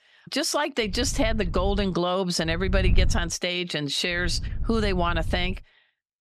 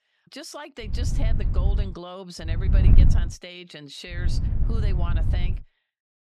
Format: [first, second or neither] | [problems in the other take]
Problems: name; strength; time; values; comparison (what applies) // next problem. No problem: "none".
first | wind noise on the microphone; heavy; at 1 s, at 2.5 s and from 4 to 5.5 s; 2 dB below the speech; occasional gusts in the first